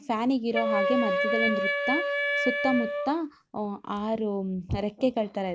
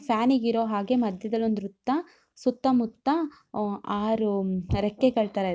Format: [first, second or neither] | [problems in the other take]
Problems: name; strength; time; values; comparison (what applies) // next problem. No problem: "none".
second | background sound (Wind instrument, woodwind instrument); as loud as the speech